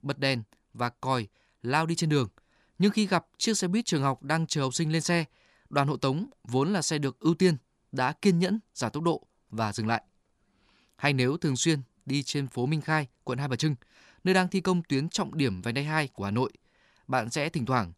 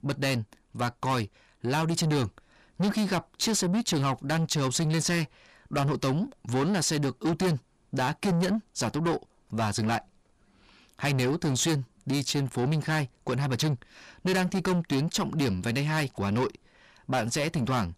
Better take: first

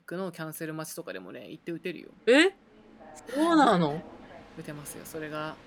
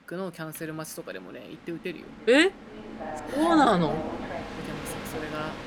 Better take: first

